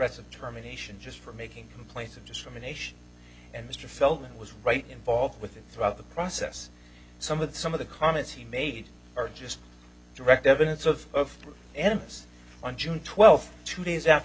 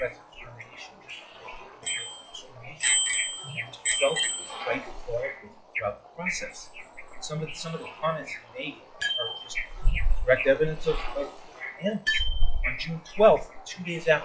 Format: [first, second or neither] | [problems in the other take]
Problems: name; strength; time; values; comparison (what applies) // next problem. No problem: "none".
first | noise reduction (classical method log-MMSE)